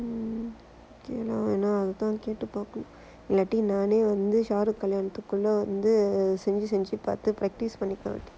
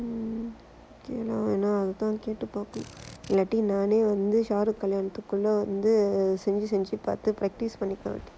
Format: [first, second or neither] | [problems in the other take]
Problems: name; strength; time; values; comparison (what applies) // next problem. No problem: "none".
first | background sound (Drill); 18 dB below the speech